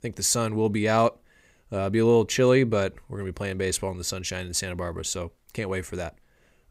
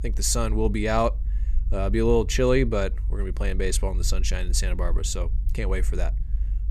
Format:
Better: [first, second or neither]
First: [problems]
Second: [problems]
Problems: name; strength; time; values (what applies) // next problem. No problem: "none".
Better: first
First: none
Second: low rumble; faint; throughout; 25 dB below the speech